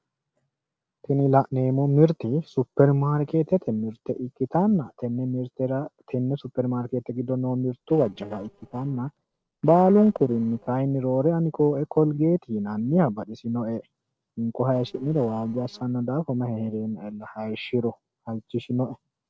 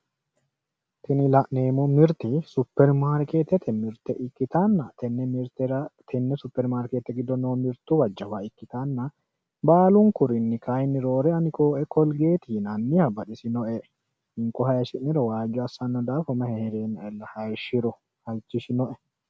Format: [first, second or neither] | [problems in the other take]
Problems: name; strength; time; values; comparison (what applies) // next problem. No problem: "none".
second | noise reduction (neural separator model SepFormer DNS4)